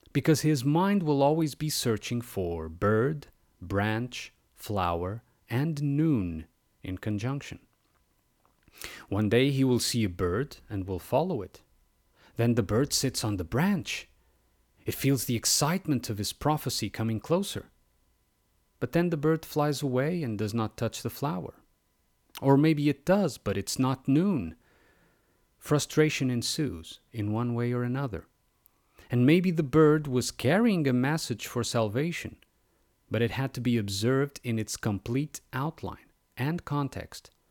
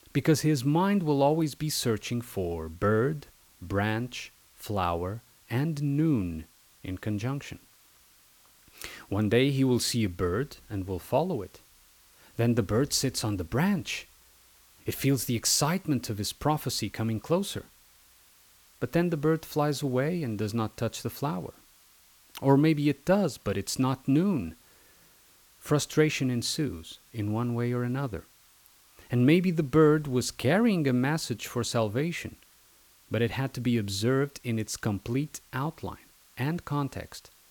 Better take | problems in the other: first | hiss; faint; throughout; 30 dB below the speech

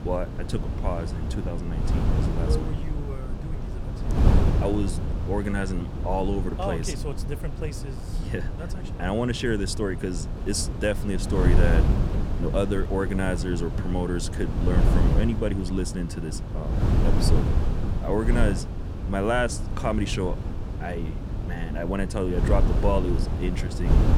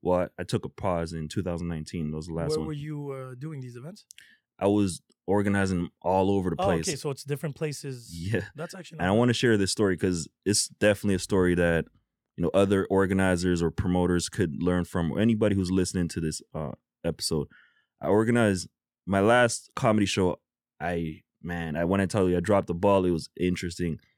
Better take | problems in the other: second | wind noise on the microphone; heavy; 6 dB below the speech

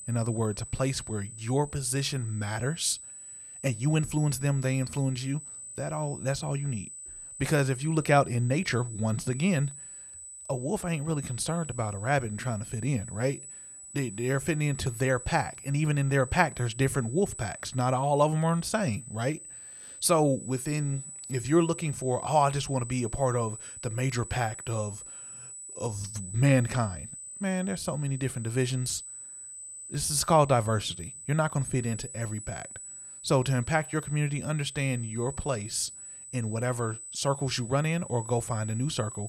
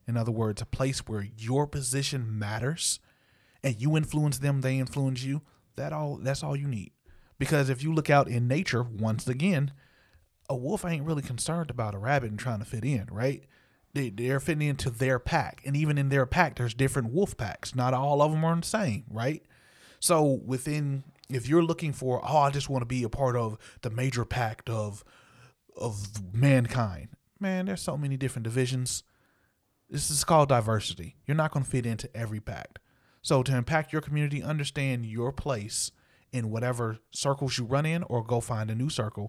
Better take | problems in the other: second | high-pitched whine; noticeable; throughout; 8 kHz, 10 dB below the speech

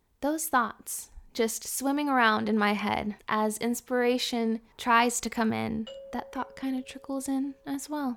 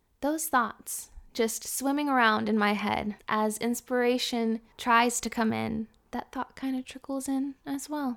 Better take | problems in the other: second | doorbell; faint; from 6 to 7.5 s; peak 15 dB below the speech

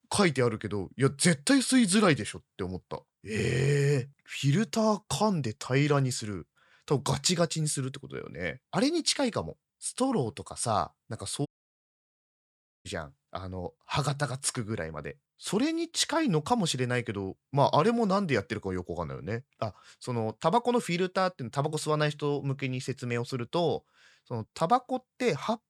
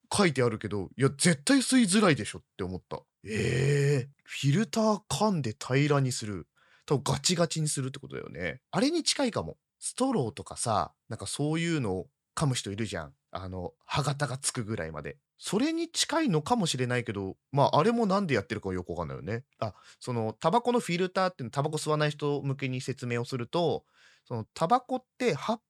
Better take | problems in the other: second | audio cutting out; at 11 s for 1.5 s

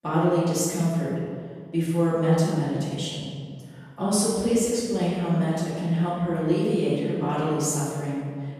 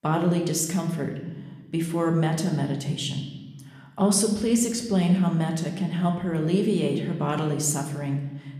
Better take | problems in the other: second | room echo; strong; dies away in 1.7 s; slight in the second // off-mic speech; far

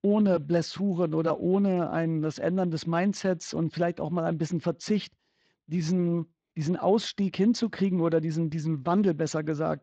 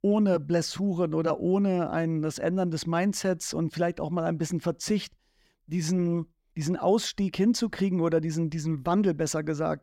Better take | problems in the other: second | garbled, watery; slightly; nothing above 7.5 kHz

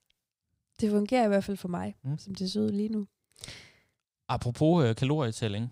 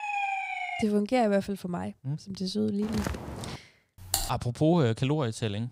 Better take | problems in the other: first | siren; noticeable; at the start; peak 1 dB below the speech // footsteps; noticeable; at 3 s; peak 6 dB below the speech // keyboard typing; noticeable; at 4 s; peak 1 dB below the speech

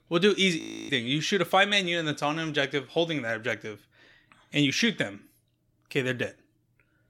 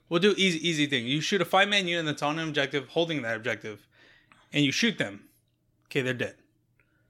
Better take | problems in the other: second | audio freezing; at 0.5 s

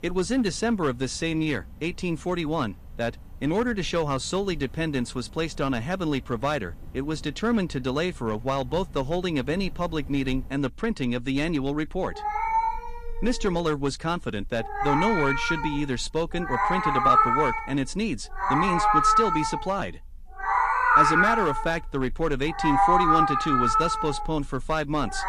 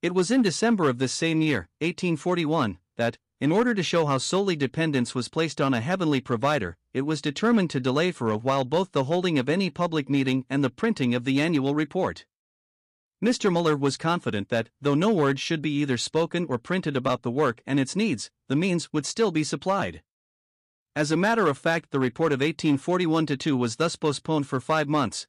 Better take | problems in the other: second | animal sounds; very loud; throughout; 4 dB above the speech

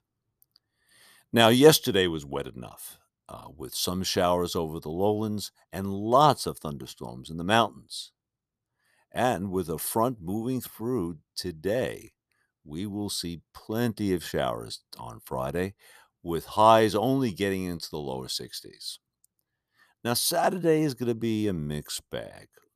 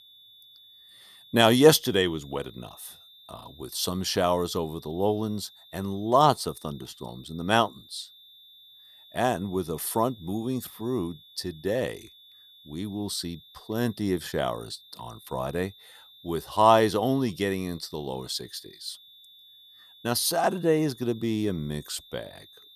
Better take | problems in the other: first | high-pitched whine; faint; throughout; 3.5 kHz, 25 dB below the speech

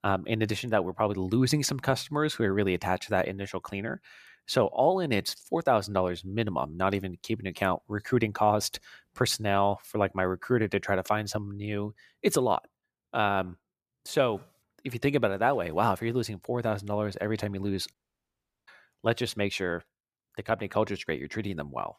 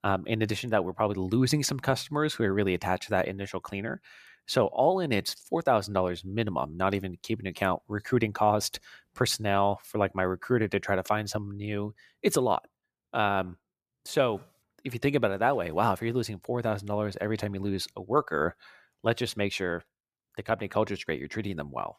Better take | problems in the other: second | audio cutting out; at 18 s for 0.5 s

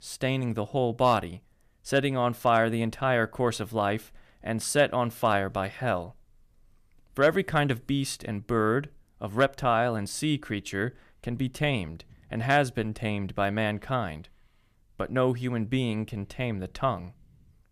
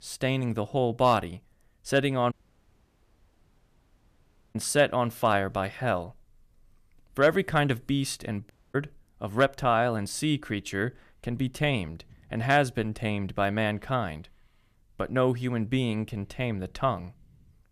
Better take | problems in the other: first | audio cutting out; at 2.5 s for 2 s and at 8.5 s

